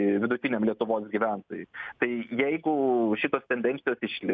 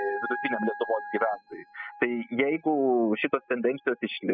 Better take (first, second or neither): first